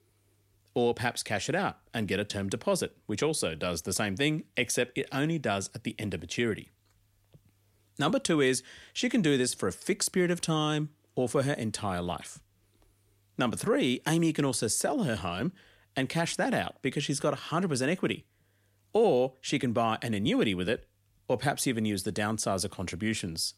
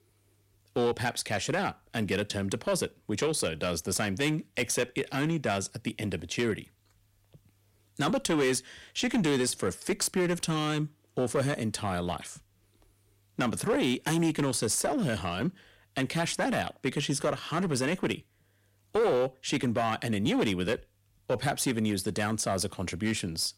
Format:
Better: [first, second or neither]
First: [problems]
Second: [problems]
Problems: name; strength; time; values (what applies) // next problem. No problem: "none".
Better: first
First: none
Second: distortion; slight; 6% of the sound clipped